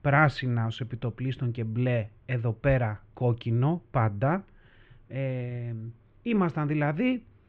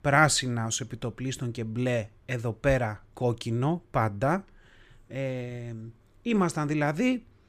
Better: second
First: muffled; very; fading above 3 kHz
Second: none

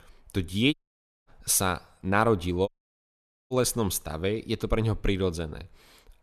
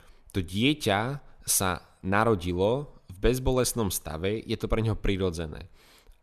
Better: second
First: audio cutting out; at 0.5 s for 0.5 s and at 2.5 s for 1 s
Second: none

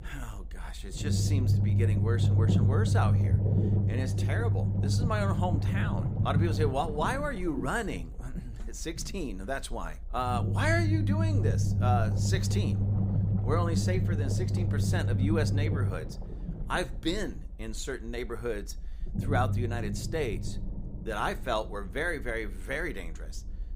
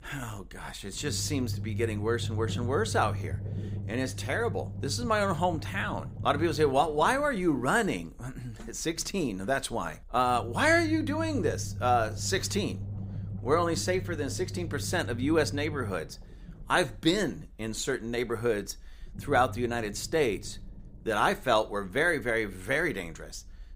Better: second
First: low rumble; loud; throughout; 7 dB below the speech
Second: low rumble; faint; throughout; 20 dB below the speech

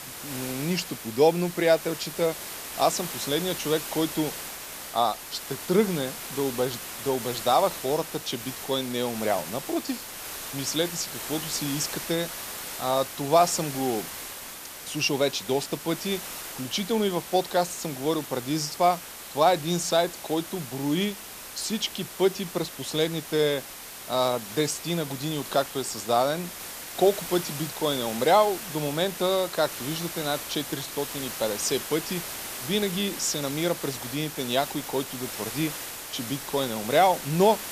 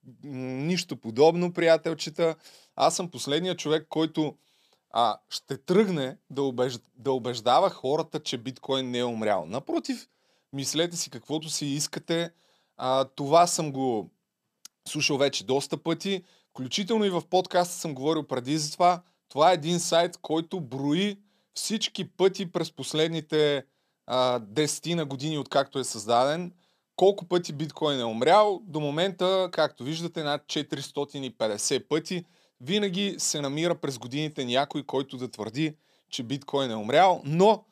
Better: second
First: hiss; loud; throughout; 8 dB below the speech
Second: none

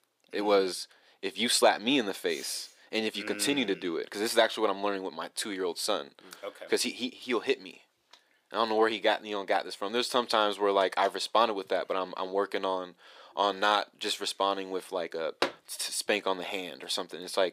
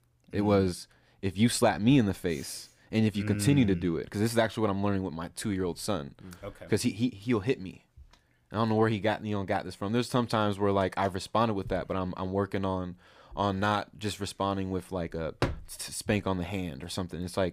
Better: second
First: thin; somewhat; fading below 350 Hz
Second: none

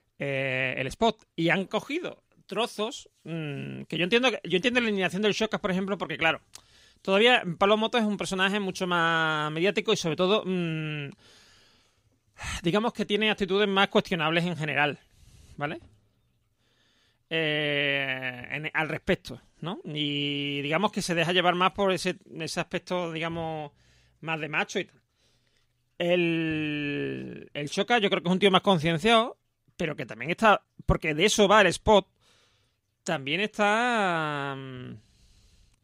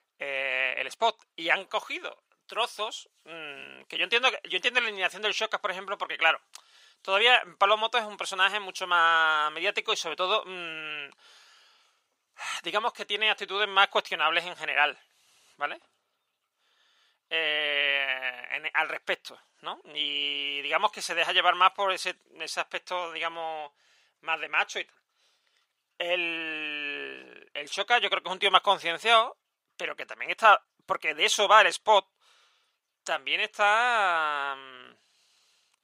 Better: first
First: none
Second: thin; very; fading below 700 Hz

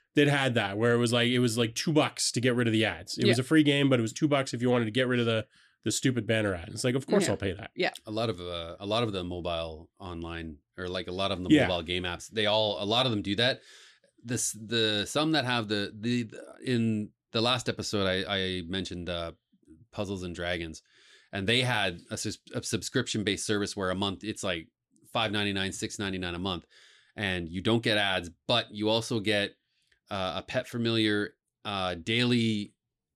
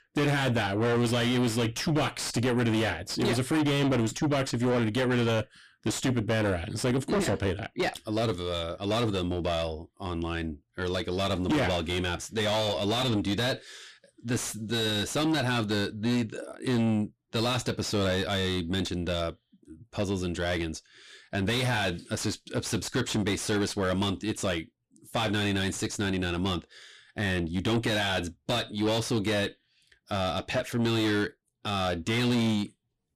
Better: first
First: none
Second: distortion; heavy; 5 dB below the speech

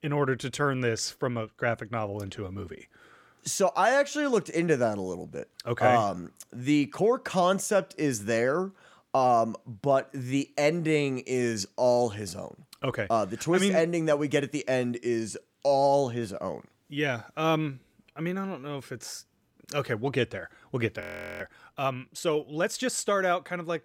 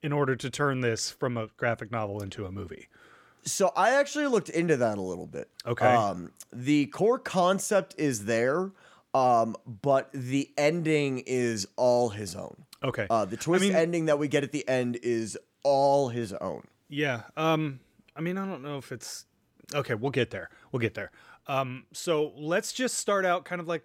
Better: second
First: audio freezing; at 21 s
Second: none

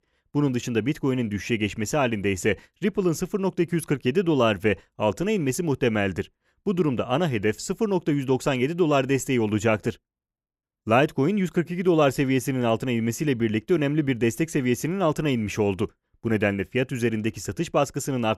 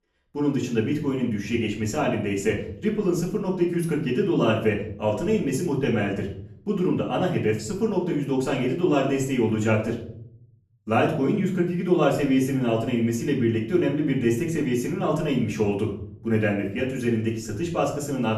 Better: first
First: none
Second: off-mic speech; far // room echo; slight; dies away in 0.6 s

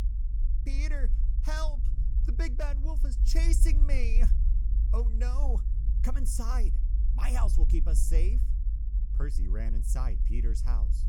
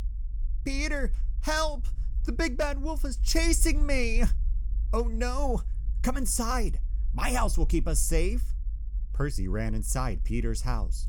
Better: second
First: low rumble; loud; throughout; 10 dB below the speech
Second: low rumble; faint; throughout; 25 dB below the speech

